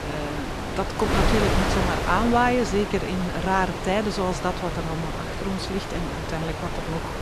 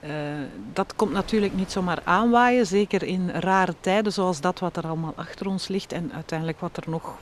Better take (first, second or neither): second